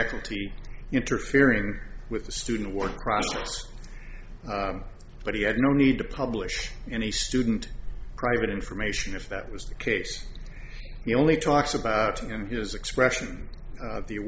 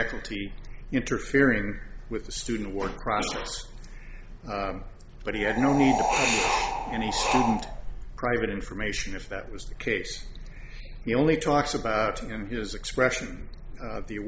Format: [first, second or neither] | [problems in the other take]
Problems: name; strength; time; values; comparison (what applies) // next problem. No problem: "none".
first | background sound (Wind); 1 dB above the speech